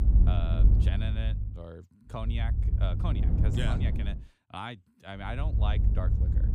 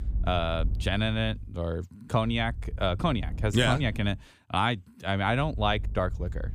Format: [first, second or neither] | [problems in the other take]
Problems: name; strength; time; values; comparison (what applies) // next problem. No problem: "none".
second | low rumble; loud; until 1.5 s, from 2 to 4 s and from 5.5 s on; 3 dB below the speech; faint in the second